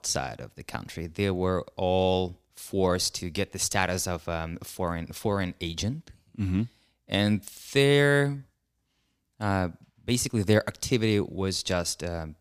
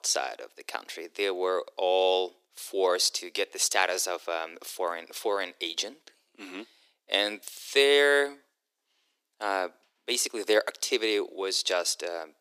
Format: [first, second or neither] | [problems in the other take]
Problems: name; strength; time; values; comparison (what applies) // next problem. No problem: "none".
first | thin; very; fading below 350 Hz